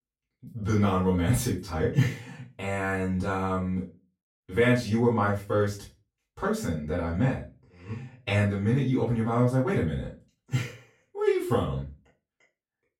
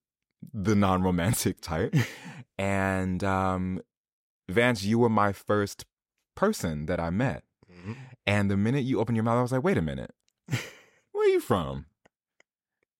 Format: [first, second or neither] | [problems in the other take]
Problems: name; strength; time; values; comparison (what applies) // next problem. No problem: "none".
second | room echo; slight; dies away in 0.3 s // off-mic speech; far